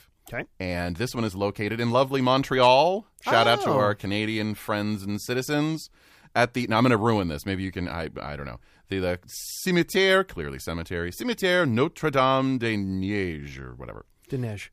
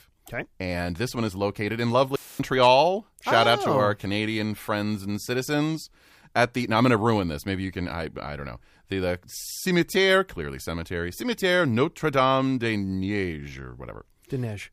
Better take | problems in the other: first | audio cutting out; filled with static; at 2 s

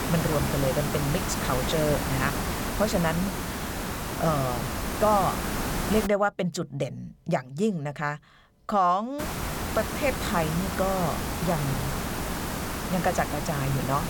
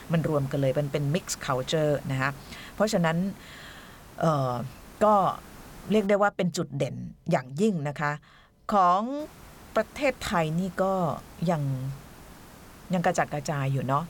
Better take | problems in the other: second | hiss; loud; until 6 s and from 9 s on; 2 dB below the speech; faint in the second

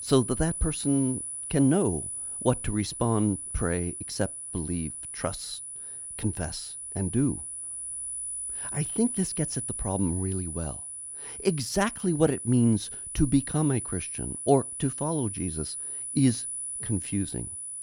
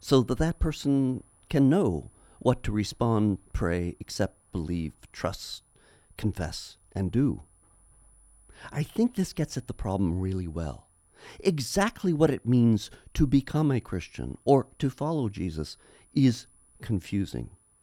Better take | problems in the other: second | high-pitched whine; loud; throughout; 10 kHz, 5 dB below the speech; faint in the second

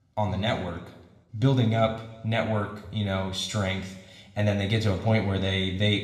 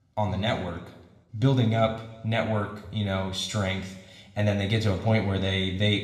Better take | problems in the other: neither | room echo; slight; dies away in 0.9 s; the same in both // off-mic speech; somewhat distant; the same in both

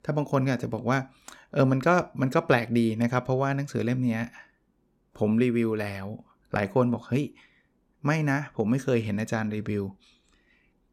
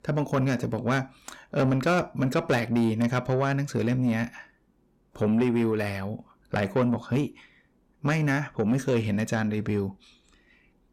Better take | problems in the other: first | distortion; slight; 10 dB below the speech

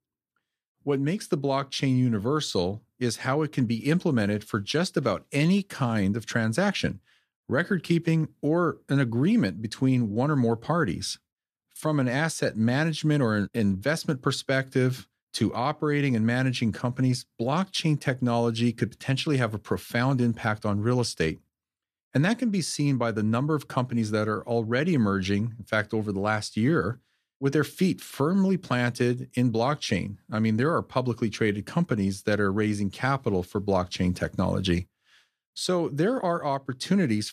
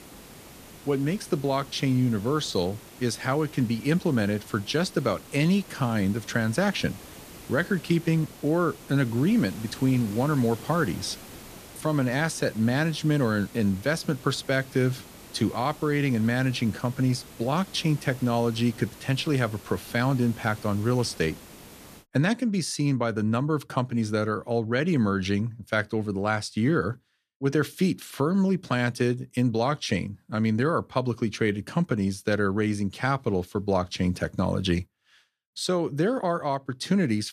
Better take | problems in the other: first | hiss; noticeable; until 22 s; 20 dB below the speech

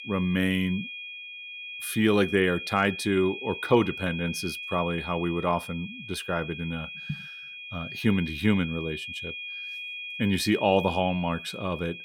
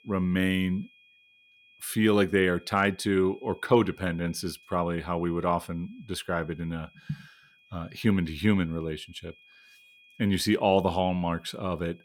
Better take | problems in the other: second | high-pitched whine; loud; throughout; 2.5 kHz, 9 dB below the speech; faint in the second

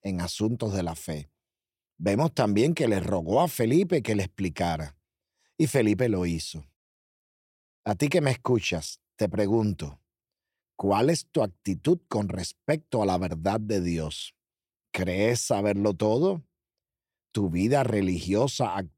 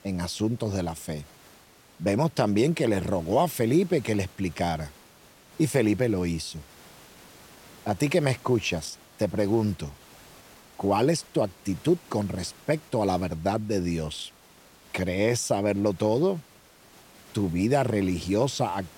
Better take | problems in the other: first | hiss; faint; throughout; 25 dB below the speech

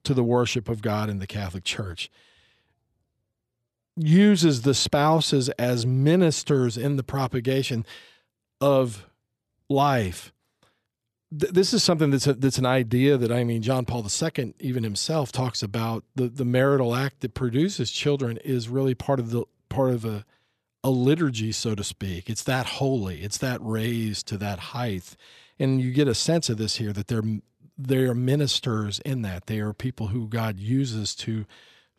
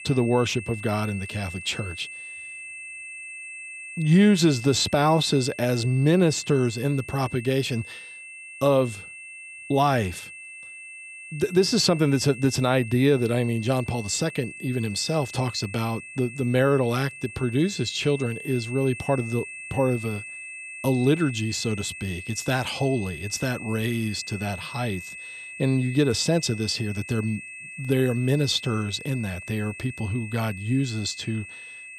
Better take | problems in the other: first | high-pitched whine; noticeable; throughout; 2.5 kHz, 15 dB below the speech

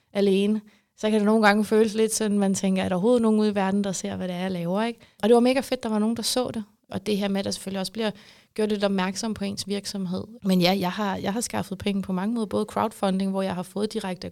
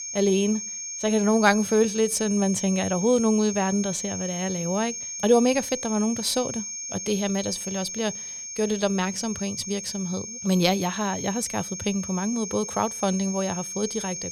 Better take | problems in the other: first | high-pitched whine; loud; throughout; 6.5 kHz, 6 dB below the speech

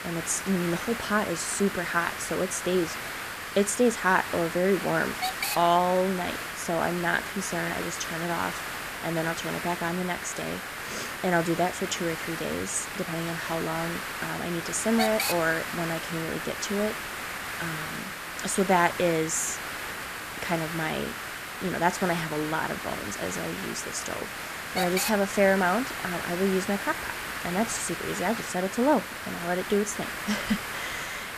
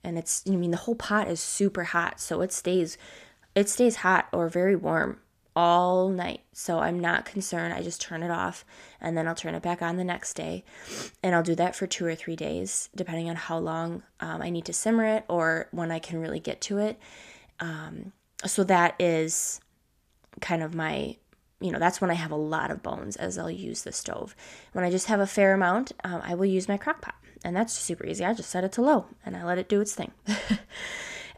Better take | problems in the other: second | hiss; loud; throughout; 5 dB below the speech

